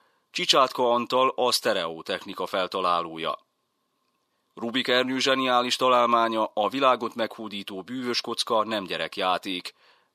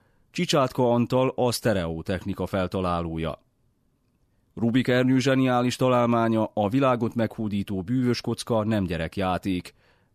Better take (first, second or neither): second